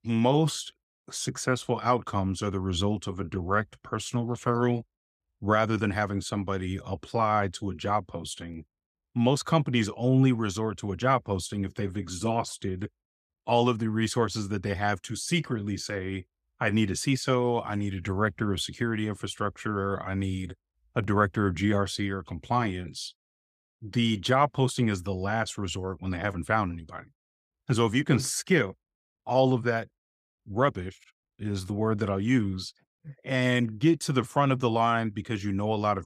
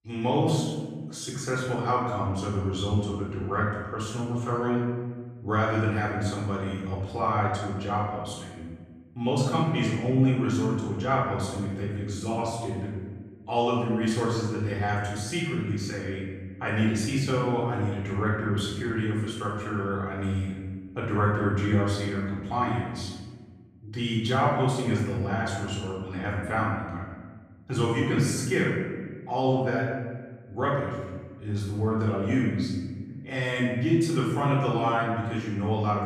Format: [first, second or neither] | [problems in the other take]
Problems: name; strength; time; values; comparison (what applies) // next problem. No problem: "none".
first | off-mic speech; far // room echo; noticeable; dies away in 1.3 s